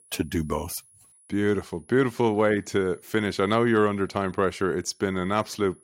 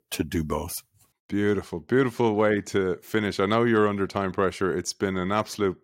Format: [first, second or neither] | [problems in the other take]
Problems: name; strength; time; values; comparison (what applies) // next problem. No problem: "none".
second | high-pitched whine; faint; throughout; 10.5 kHz, 30 dB below the speech